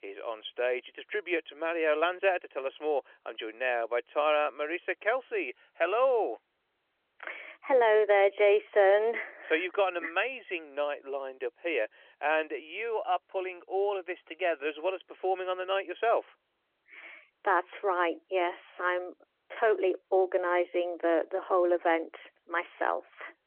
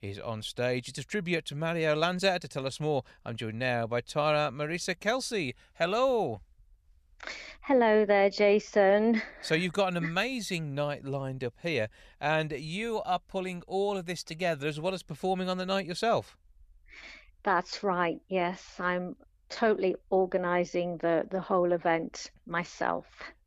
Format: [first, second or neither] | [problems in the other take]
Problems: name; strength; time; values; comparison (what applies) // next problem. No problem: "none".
second | phone-call audio; nothing above 3.5 kHz